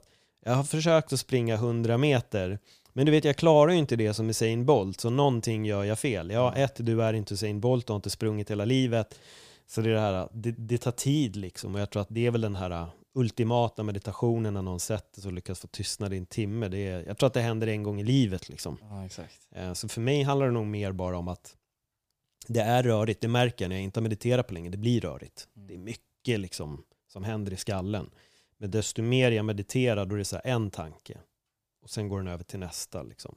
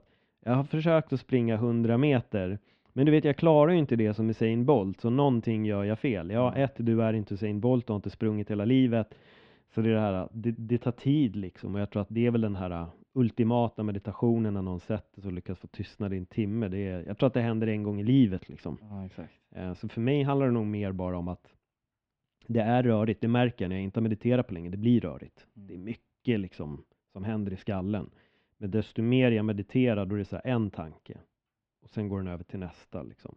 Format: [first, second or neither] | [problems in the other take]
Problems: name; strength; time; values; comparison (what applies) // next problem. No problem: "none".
first | muffled; very; fading above 3 kHz